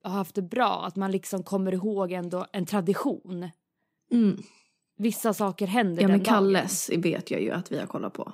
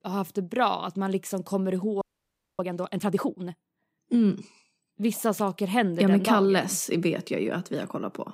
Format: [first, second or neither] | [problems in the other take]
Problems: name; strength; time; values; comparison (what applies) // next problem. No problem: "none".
first | audio freezing; at 2 s for 0.5 s